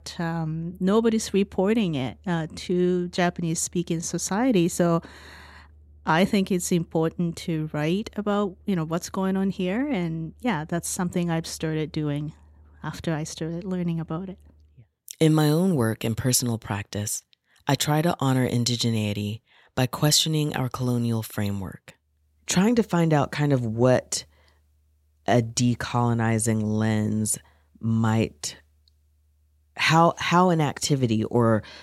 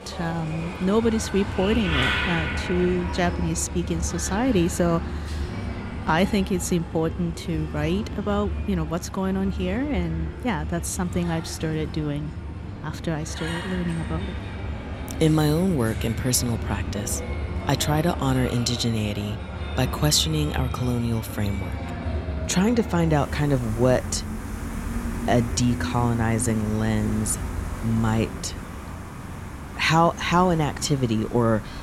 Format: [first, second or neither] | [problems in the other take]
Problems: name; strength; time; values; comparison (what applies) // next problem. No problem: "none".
first | animal sounds; loud; throughout; 7 dB below the speech